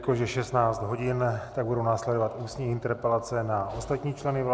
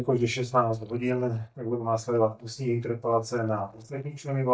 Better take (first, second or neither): first